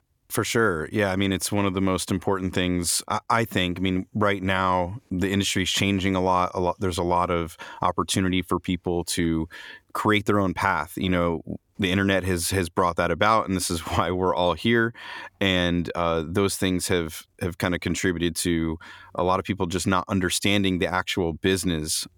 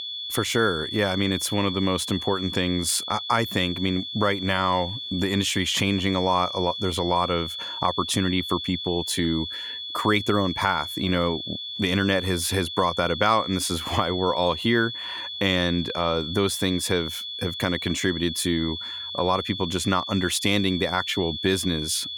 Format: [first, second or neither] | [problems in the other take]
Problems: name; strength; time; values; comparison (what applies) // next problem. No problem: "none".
first | high-pitched whine; loud; throughout; 3.5 kHz, 6 dB below the speech